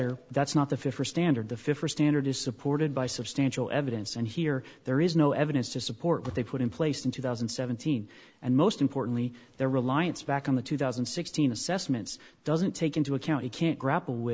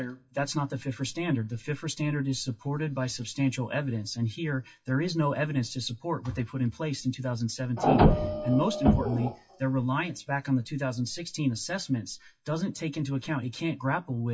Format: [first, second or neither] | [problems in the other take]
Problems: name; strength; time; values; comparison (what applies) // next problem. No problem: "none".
first | noise reduction (classical method WPE with log-MMSE)